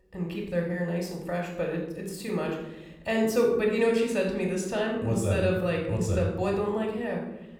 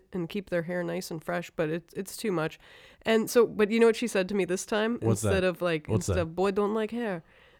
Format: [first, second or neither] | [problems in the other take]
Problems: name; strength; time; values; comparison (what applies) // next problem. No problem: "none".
second | off-mic speech; somewhat distant // room echo; noticeable; dies away in 0.8 s